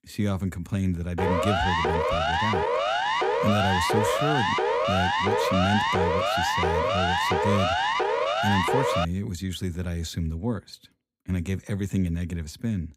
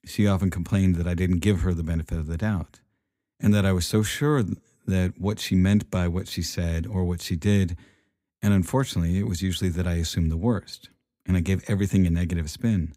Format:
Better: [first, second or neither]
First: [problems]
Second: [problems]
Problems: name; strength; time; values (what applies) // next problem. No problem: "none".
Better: second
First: siren; loud; from 1 to 9 s; peak 6 dB above the speech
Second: none